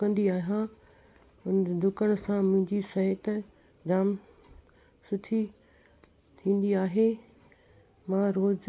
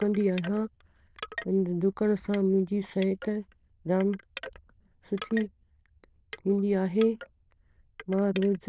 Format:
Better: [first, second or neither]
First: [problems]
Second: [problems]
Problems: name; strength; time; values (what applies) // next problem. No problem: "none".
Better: first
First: none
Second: noise reduction (neural diffusion model UNIVERSE++)